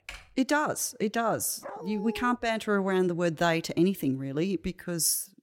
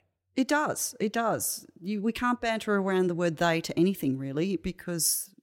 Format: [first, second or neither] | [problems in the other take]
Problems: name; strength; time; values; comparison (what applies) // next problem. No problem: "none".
second | keyboard typing; faint; at the start; peak 15 dB below the speech // dog barking; faint; at 1.5 s; peak 10 dB below the speech